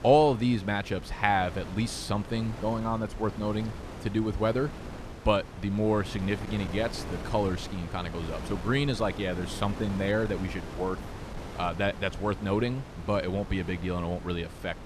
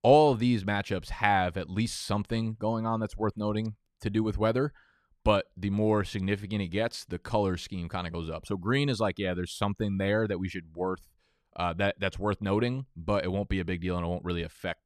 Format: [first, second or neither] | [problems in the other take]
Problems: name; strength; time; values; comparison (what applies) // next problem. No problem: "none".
second | wind noise on the microphone; occasional gusts; 15 dB below the speech